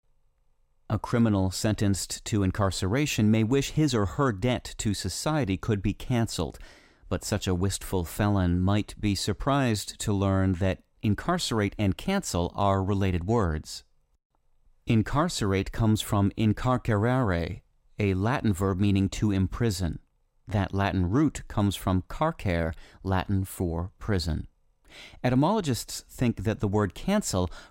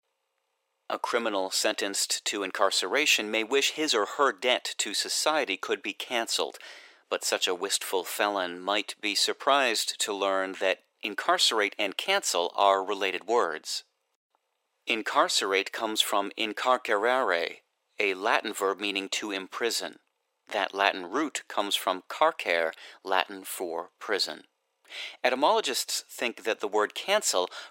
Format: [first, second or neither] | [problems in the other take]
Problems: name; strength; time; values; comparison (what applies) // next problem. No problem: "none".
first | thin; very; fading below 400 Hz